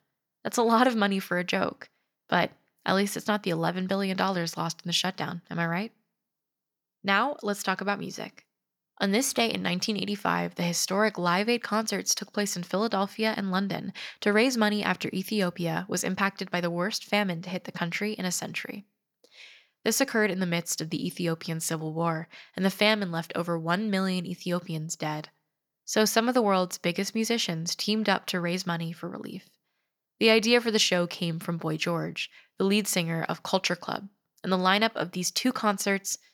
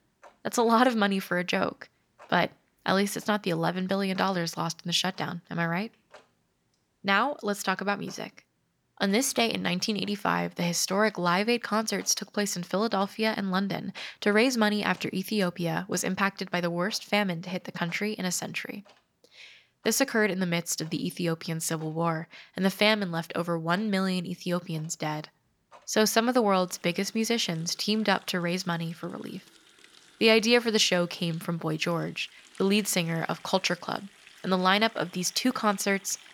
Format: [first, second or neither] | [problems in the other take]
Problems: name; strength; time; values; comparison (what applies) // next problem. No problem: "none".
first | household noises; faint; throughout; 25 dB below the speech